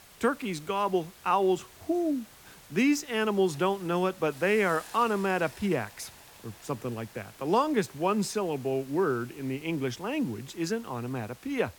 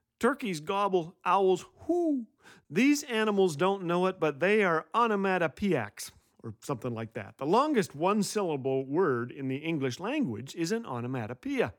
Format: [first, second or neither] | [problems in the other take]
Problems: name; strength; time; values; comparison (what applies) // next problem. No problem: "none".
second | hiss; faint; throughout; 20 dB below the speech